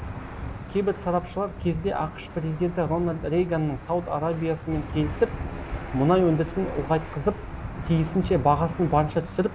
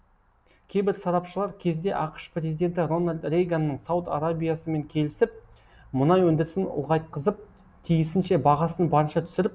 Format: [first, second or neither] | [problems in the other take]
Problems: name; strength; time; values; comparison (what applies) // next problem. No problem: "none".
second | background sound (Engine / Aircraft); 10 dB below the speech